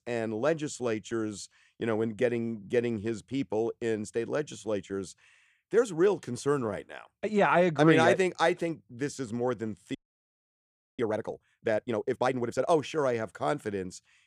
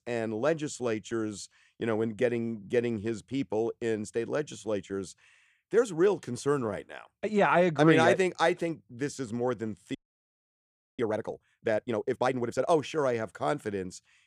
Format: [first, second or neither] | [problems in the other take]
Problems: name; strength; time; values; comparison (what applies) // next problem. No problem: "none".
neither | audio freezing; at 10 s for 1 s; the same in both